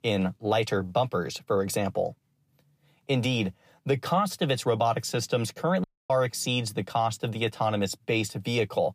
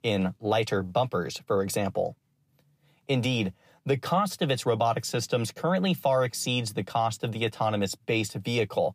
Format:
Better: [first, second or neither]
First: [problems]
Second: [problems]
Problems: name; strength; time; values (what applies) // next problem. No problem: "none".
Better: second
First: audio cutting out; at 6 s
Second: none